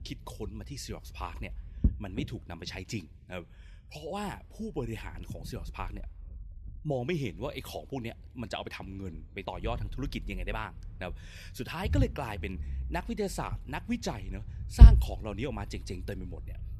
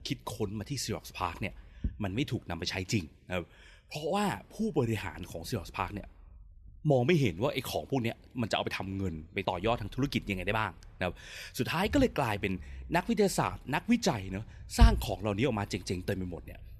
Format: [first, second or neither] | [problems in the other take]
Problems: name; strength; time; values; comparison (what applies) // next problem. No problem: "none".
second | low rumble; loud; throughout; 6 dB below the speech; faint in the second